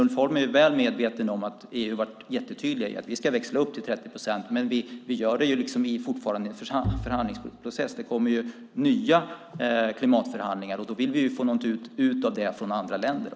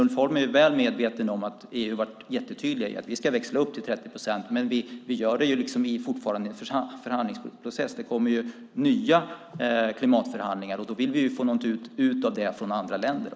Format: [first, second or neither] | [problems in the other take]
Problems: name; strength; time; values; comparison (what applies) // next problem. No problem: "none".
second | background sound (Bowed string instrument); 8 dB below the speech